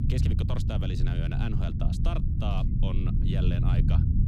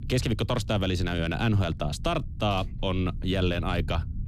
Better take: second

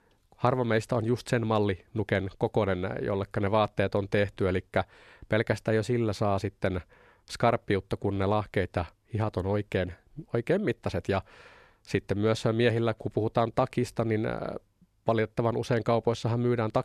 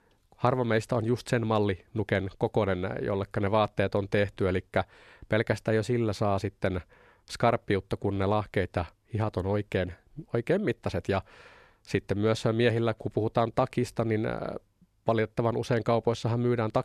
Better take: neither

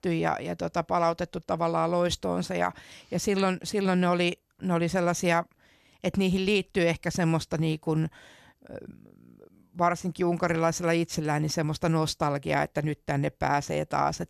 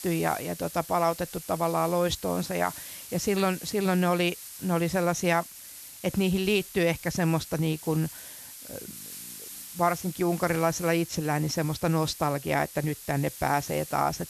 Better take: first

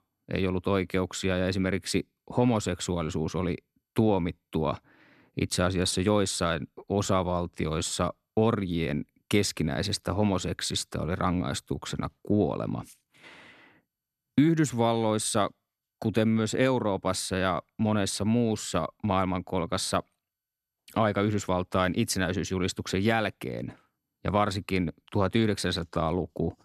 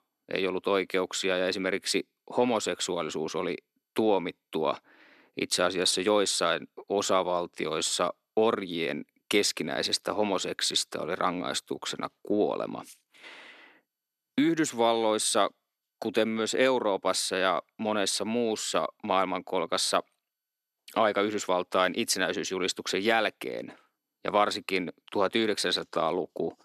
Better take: first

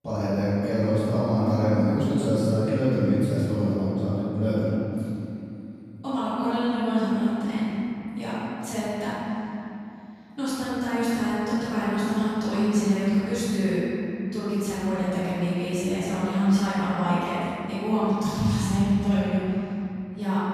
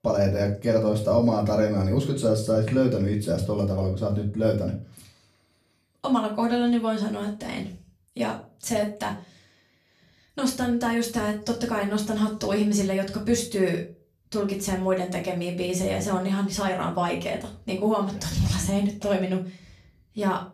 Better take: second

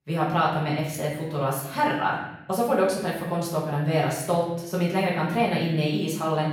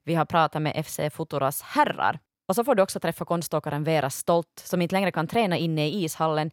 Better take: second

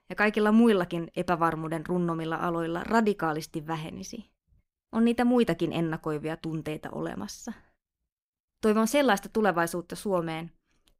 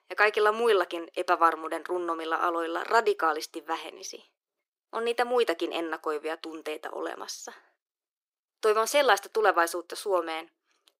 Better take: first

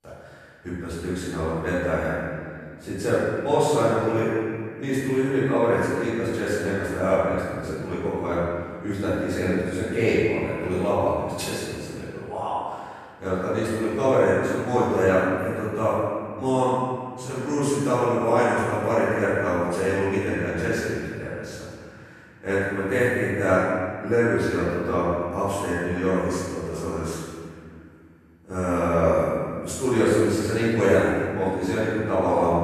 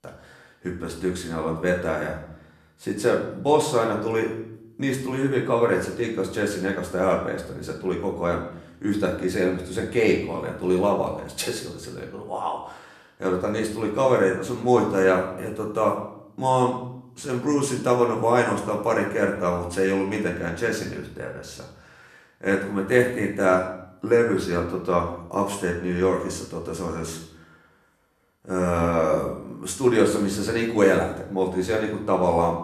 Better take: second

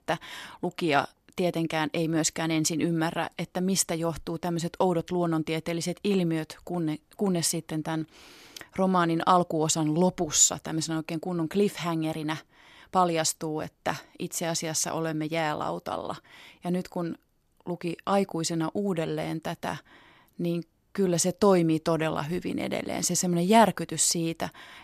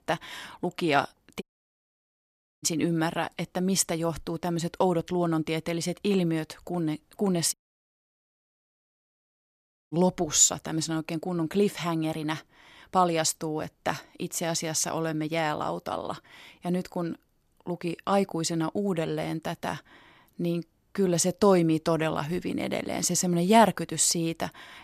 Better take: first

